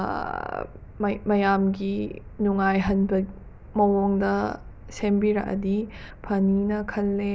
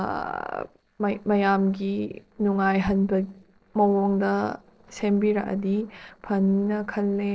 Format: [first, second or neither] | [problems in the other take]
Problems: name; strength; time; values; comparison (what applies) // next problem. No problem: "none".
first | noise reduction (neural separator model SepFormer DNS4)